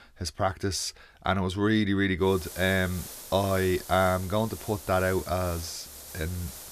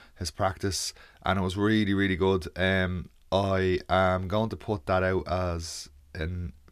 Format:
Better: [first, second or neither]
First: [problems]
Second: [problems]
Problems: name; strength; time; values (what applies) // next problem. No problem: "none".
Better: second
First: hiss; noticeable; from 2.5 s on; 15 dB below the speech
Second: none